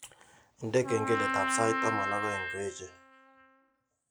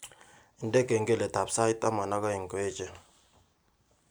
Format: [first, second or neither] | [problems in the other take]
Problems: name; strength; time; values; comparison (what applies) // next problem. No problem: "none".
second | noise reduction (classical method log-MMSE)